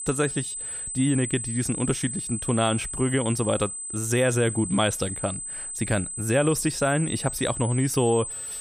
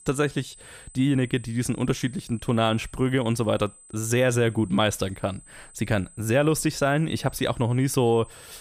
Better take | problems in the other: second | high-pitched whine; loud; throughout; 8 kHz, 5 dB below the speech; faint in the second

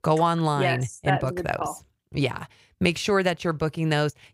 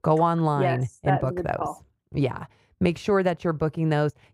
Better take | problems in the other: first | muffled; slightly; fading above 2 kHz

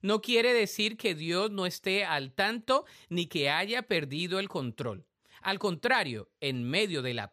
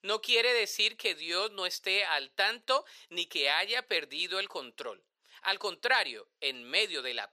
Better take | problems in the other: first | thin; very; fading below 450 Hz

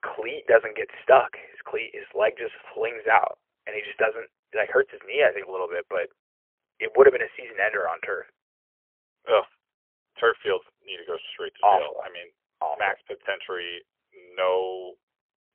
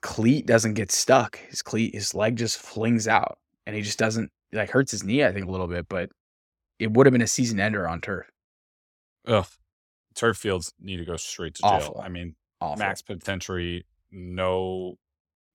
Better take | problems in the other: second | phone-call audio; poor line; nothing above 3 kHz

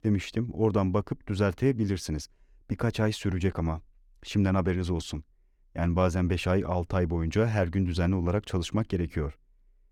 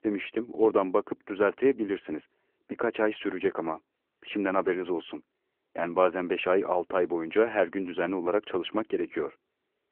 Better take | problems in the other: first | phone-call audio

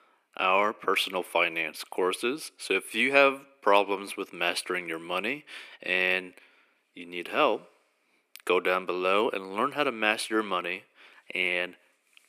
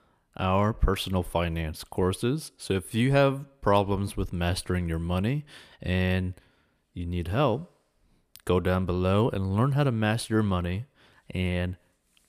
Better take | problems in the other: second | thin; very; fading below 300 Hz

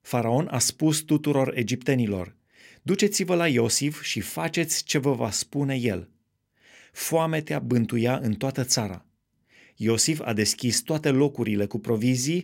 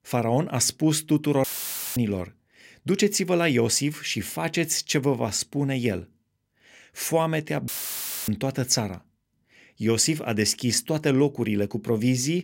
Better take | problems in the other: first | audio cutting out; filled with static; at 1.5 s for 0.5 s and at 7.5 s for 0.5 s

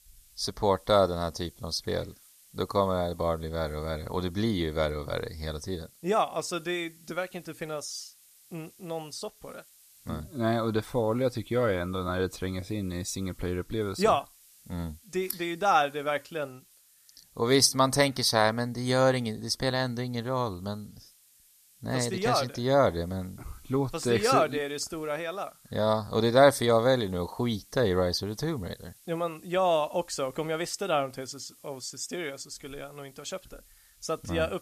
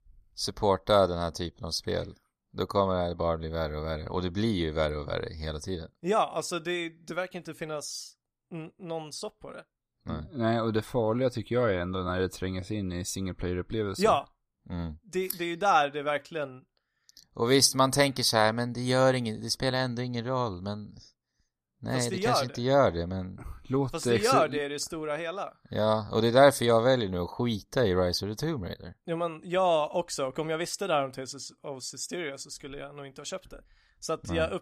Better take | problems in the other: second | hiss; faint; throughout; 25 dB below the speech

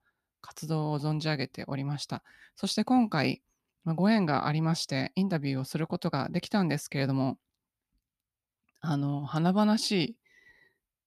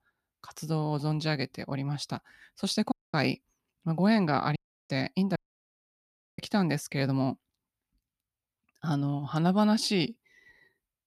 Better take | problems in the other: first | audio cutting out; at 3 s, at 4.5 s and at 5.5 s for 1 s

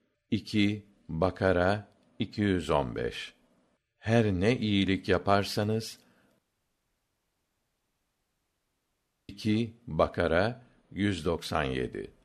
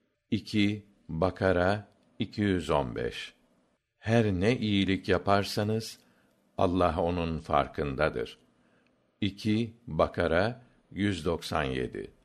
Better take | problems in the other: second | audio cutting out; at 6.5 s for 3 s

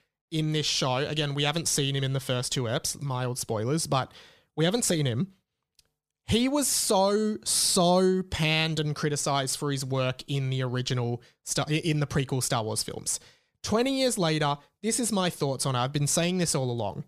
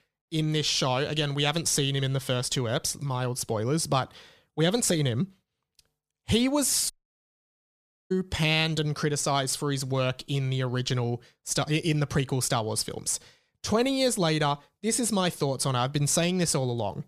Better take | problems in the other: first | audio cutting out; at 7 s for 1 s

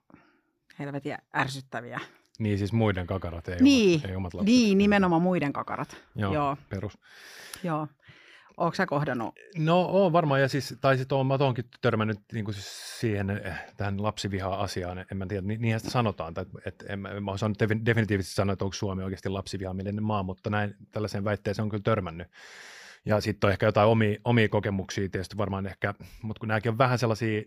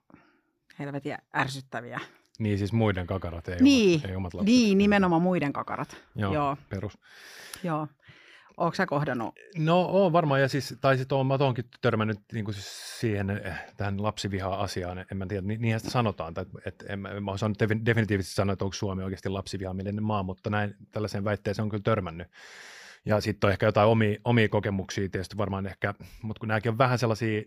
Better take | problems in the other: neither | none

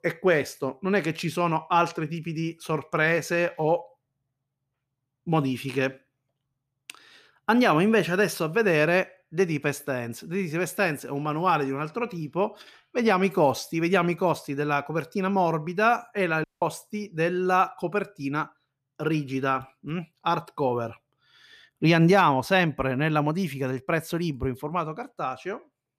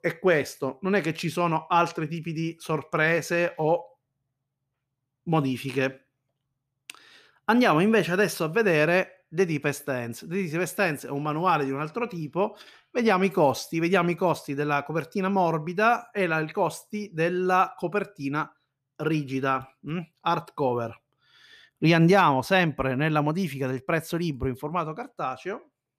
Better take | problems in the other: second | audio cutting out; at 16 s

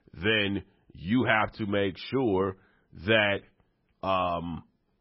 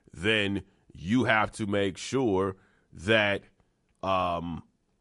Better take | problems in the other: second | garbled, watery; badly; nothing above 5.5 kHz; slightly in the second

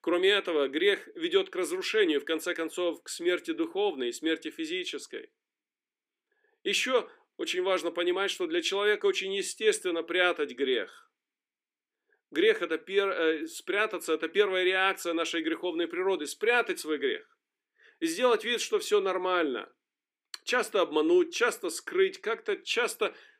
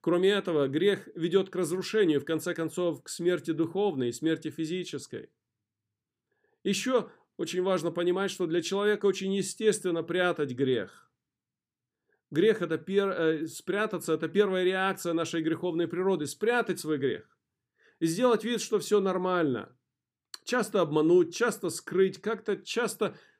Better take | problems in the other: second | thin; somewhat; fading below 300 Hz

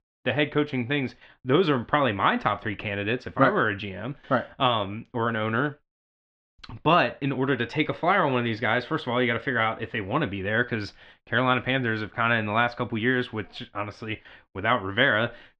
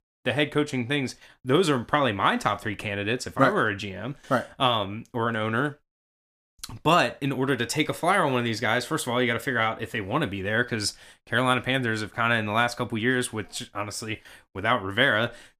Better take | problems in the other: second | muffled; slightly; fading above 3.5 kHz

